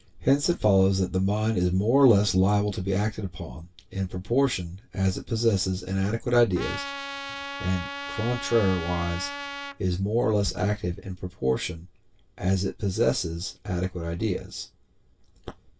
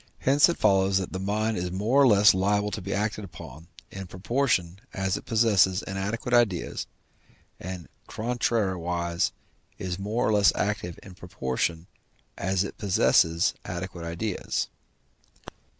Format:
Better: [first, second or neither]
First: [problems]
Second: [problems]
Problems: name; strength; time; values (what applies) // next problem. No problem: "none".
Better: second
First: background sound (Trumpet); 9 dB below the speech // room echo; dies away in 0.1 s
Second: none